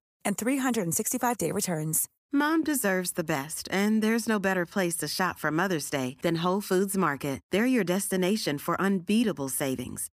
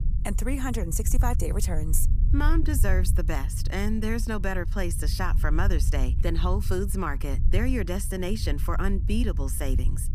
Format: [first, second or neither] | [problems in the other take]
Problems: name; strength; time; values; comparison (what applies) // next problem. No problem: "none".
first | low rumble; noticeable; throughout; 15 dB below the speech